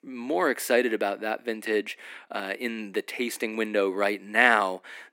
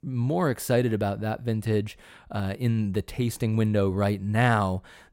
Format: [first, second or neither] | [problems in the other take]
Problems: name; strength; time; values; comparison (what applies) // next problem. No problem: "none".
second | thin; somewhat; fading below 250 Hz